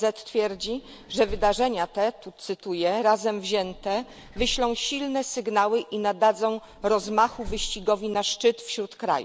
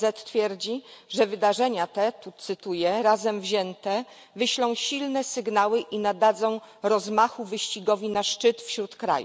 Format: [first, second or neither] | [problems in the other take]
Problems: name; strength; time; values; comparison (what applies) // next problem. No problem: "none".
second | background sound (Vehicle); 17 dB below the speech